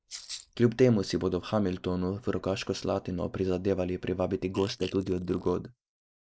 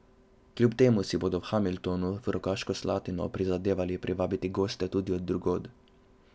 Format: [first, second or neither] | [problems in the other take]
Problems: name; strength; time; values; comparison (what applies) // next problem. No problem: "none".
second | noise reduction (neural mask model Resemble Enhance denoiser)